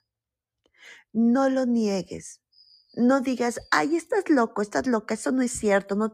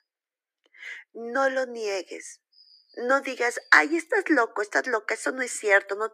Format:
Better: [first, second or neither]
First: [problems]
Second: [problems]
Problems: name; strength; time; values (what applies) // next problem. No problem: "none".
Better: first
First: none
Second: thin; very; fading below 300 Hz